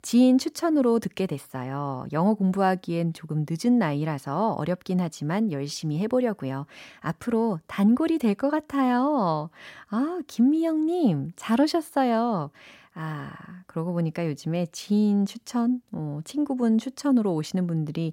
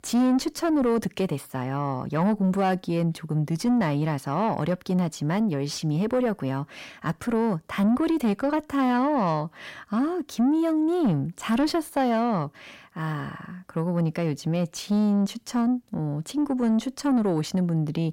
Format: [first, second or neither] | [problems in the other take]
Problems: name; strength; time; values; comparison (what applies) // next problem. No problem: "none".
first | distortion; slight; 10 dB below the speech